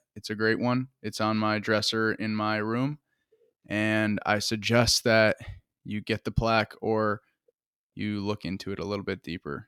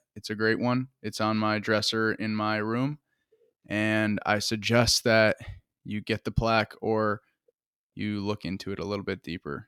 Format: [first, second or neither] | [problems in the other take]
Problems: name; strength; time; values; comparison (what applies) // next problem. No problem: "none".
neither | none